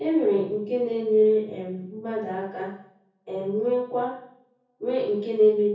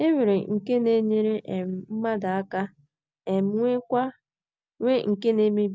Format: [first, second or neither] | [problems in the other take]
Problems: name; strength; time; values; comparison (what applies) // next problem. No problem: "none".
second | room echo; dies away in 0.6 s